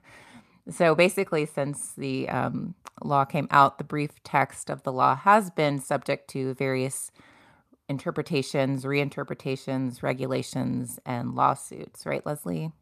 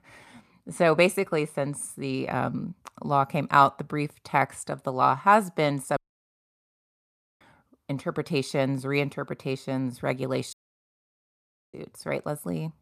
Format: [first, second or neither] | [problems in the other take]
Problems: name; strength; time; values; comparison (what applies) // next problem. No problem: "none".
first | audio cutting out; at 6 s for 1.5 s and at 11 s for 1 s